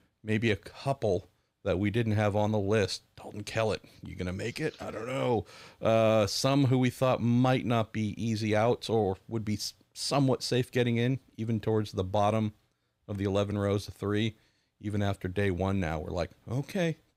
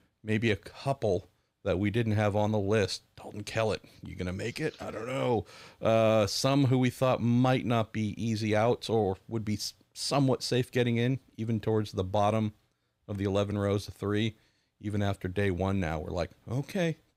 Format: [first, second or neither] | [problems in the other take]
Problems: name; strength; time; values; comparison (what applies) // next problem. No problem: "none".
neither | none